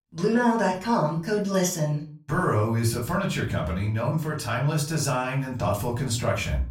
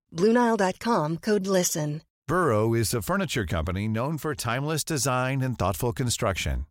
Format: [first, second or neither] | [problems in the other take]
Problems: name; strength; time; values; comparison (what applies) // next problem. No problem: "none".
second | off-mic speech; far // room echo; slight; dies away in 0.3 s